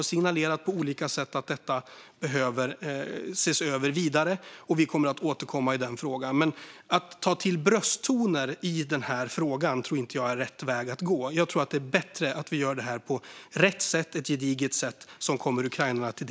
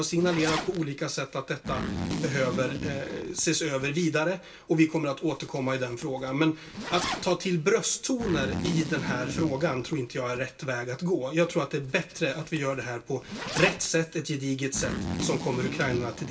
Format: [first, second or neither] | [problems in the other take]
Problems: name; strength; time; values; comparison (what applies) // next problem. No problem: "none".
first | background sound (Zipper (clothing)); 8 dB below the speech // room echo; dies away in 0.2 s